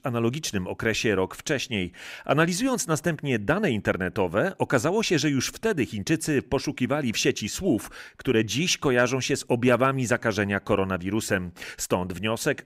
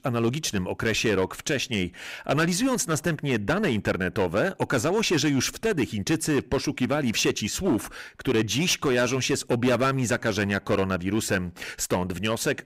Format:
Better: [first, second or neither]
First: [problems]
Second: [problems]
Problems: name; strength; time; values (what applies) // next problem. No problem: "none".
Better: first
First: none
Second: distortion; slight; 9% of the sound clipped